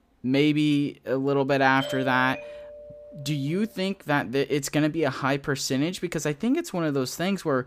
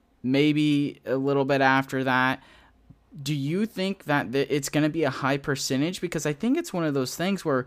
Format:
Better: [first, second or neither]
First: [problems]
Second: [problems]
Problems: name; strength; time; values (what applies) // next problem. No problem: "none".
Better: second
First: doorbell; noticeable; from 2 to 3.5 s; peak 8 dB below the speech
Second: none